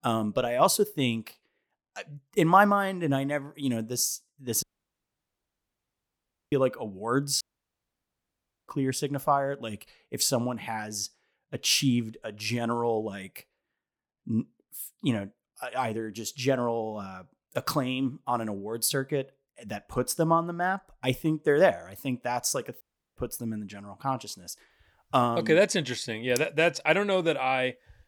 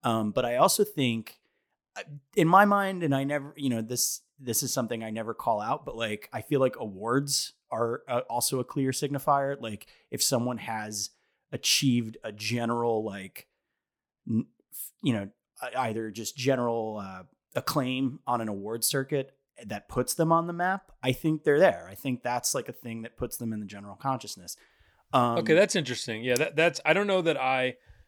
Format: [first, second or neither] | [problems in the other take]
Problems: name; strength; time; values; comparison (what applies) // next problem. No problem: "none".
second | audio cutting out; at 4.5 s for 2 s, at 7.5 s for 1.5 s and at 23 s